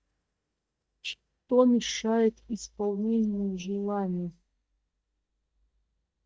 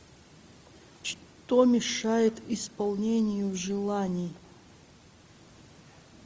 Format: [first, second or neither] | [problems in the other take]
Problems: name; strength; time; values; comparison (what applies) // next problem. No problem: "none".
second | noise reduction (neural mask model DeepFilterNet 3)